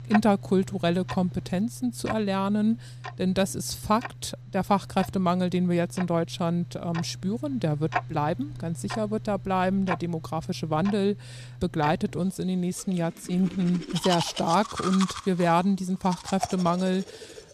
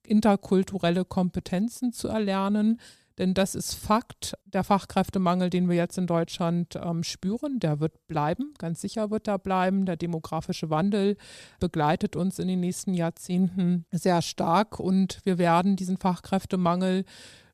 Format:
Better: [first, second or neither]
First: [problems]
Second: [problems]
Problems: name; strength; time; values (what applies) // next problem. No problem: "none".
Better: second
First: household noises; noticeable; throughout; 10 dB below the speech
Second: none